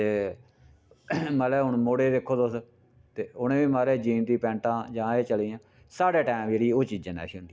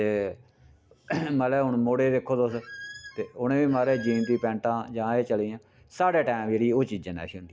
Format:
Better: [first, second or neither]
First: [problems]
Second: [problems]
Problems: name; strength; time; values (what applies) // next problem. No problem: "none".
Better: first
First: none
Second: background sound (Squeak); 18 dB below the speech